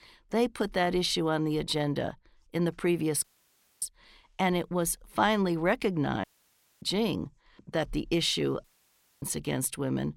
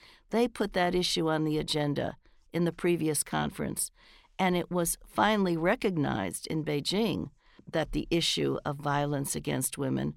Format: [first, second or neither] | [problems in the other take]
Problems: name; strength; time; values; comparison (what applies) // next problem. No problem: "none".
second | audio cutting out; at 3 s for 0.5 s, at 6 s for 0.5 s and at 8.5 s for 0.5 s